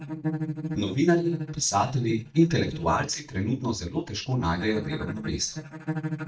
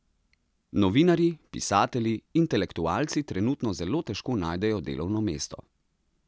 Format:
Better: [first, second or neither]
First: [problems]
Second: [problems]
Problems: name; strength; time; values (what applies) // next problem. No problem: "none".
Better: second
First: noise reduction (neural mask model DeepFilterNet 3)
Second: none